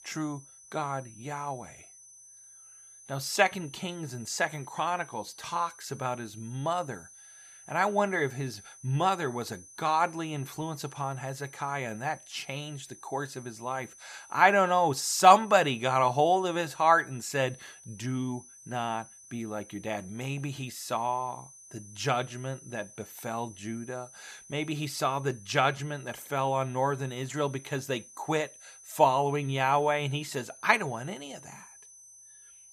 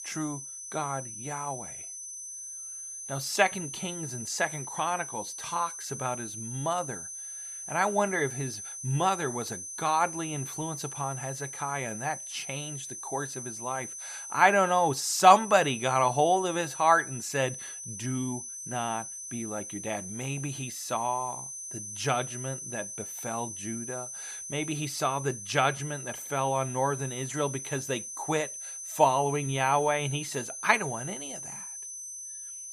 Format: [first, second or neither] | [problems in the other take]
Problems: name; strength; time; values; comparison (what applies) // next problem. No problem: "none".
first | high-pitched whine; loud; throughout; 6 kHz, 8 dB below the speech; faint in the first